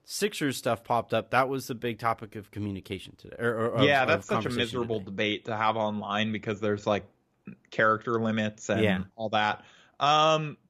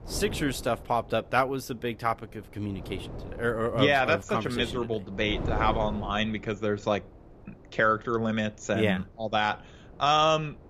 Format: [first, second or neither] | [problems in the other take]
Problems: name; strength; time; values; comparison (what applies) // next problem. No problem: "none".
first | wind noise on the microphone; occasional gusts; 20 dB below the speech